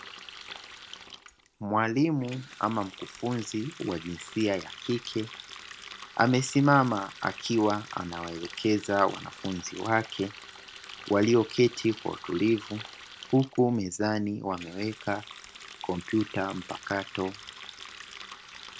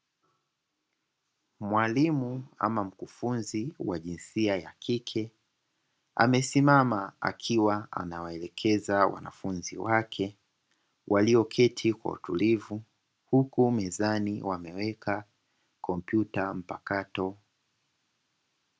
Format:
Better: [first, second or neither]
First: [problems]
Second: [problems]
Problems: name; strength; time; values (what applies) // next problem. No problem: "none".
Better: second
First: background sound (Water tap, faucet); 16 dB below the speech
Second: none